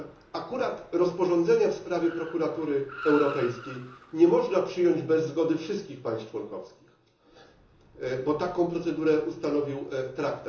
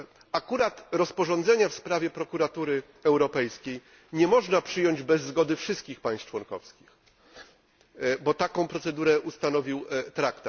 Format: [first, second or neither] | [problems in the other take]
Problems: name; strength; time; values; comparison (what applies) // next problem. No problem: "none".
second | background sound (Car); 18 dB below the speech // room echo; dies away in 0.6 s